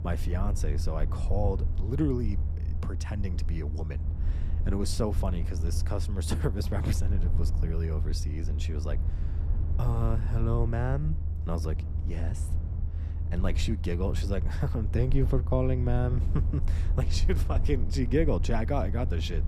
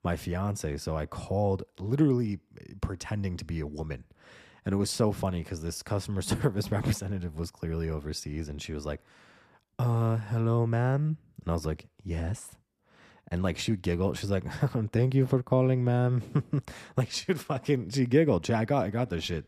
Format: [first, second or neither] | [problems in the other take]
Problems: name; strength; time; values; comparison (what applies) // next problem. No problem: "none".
second | low rumble; noticeable; throughout; 10 dB below the speech